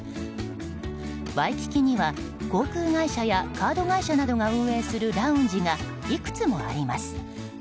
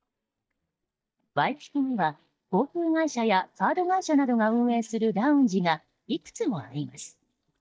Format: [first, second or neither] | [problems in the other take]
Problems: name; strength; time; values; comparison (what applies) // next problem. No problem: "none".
first | noise reduction (neural mask model DeepFilterNet 3)